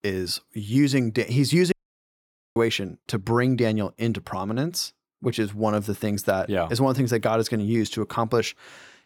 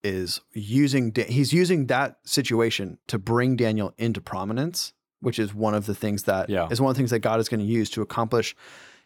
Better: second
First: audio cutting out; at 1.5 s for 1 s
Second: none

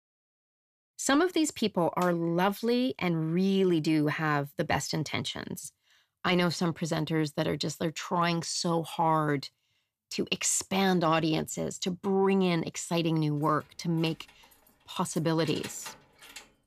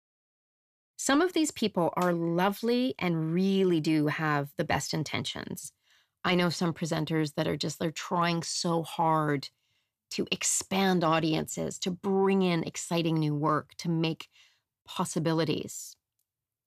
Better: second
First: jangling keys; faint; from 13 s on; peak 15 dB below the speech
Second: none

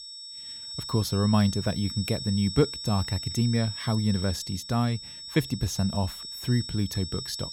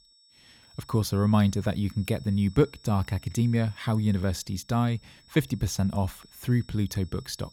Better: second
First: high-pitched whine; loud; throughout; 5.5 kHz, 8 dB below the speech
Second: high-pitched whine; faint; throughout; 5.5 kHz, 25 dB below the speech

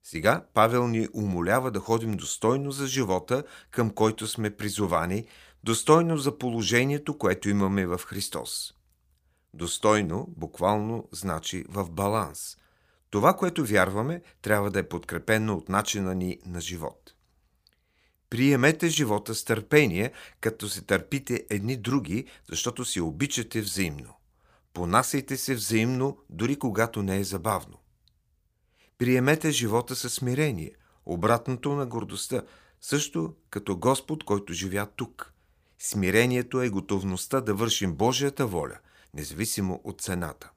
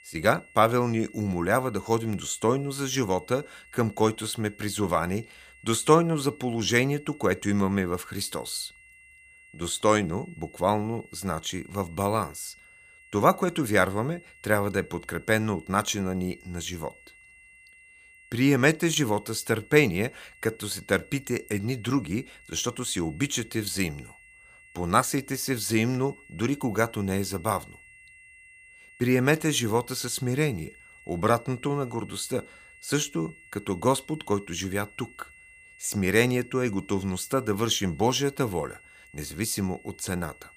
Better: first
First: none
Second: high-pitched whine; faint; throughout; 2 kHz, 25 dB below the speech

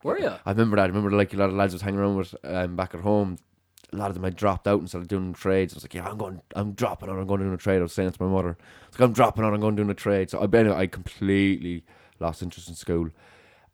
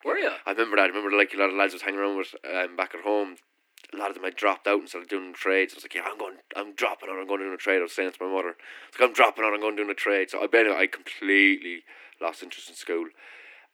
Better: first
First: none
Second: thin; somewhat; fading below 300 Hz

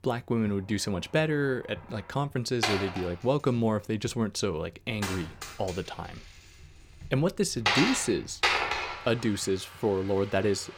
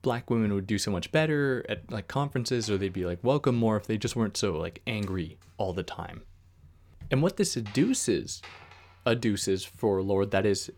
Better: second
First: household noises; loud; throughout; 1 dB below the speech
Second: household noises; faint; throughout; 25 dB below the speech

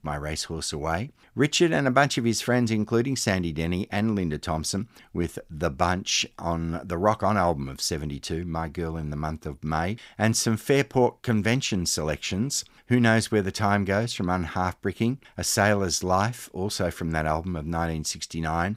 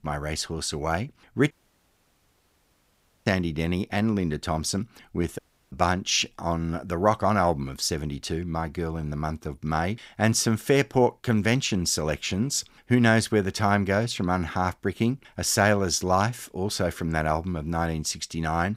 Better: first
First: none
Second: audio cutting out; at 1.5 s for 1.5 s and at 5.5 s

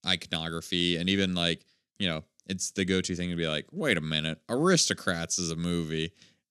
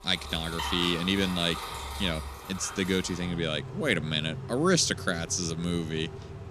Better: first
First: none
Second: traffic noise; loud; throughout; 9 dB below the speech

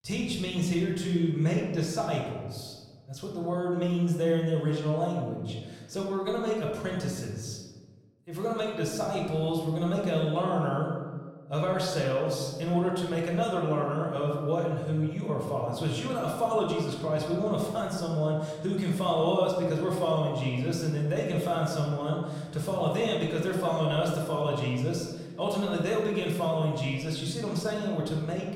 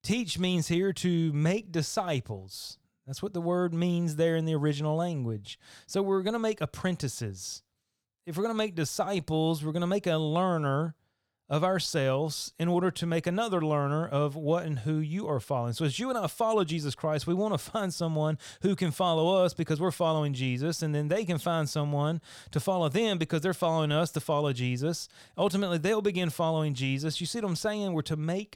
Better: second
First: room echo; noticeable; dies away in 1.2 s // off-mic speech; far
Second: none

